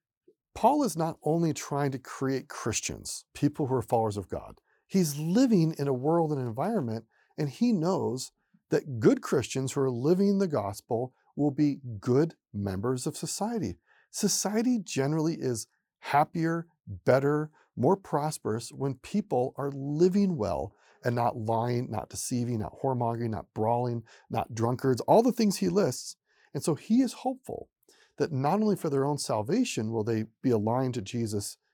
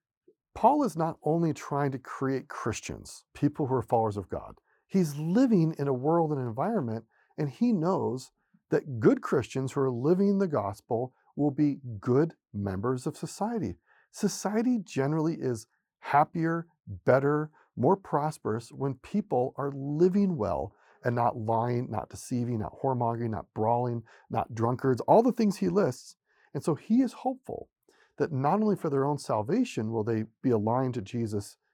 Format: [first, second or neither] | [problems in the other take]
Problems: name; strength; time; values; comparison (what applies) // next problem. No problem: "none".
first | muffled; slightly; fading above 2.5 kHz